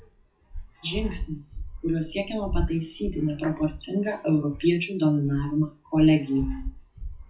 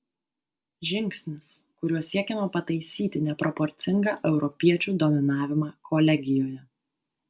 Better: second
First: noise reduction (classical method WPE with log-MMSE)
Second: none

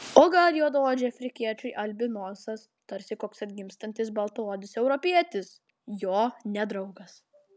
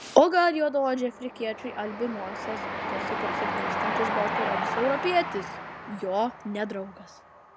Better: first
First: none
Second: background sound (Train); 5 dB below the speech

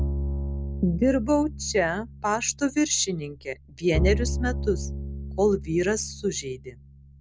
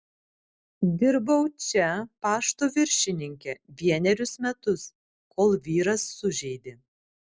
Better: second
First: background sound (Bowed string instrument); 5 dB below the speech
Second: none

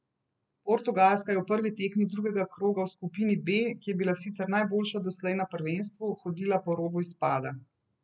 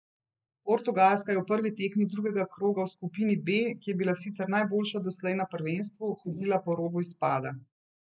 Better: first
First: none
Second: noise reduction (neural mask model Resemble Enhance denoiser)

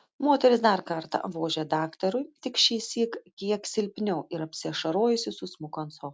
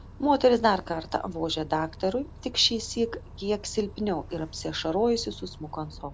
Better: first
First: none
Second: background sound (Bus); 17 dB below the speech

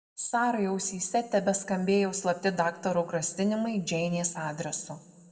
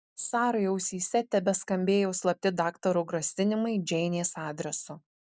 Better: second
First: room echo; dies away in 1.1 s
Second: none

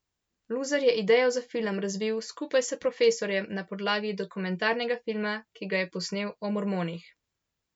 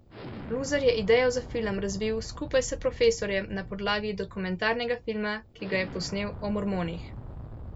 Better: first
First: none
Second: background sound (Explosion); 12 dB below the speech

